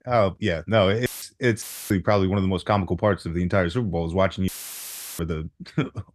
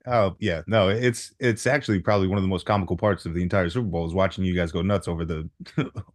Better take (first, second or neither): second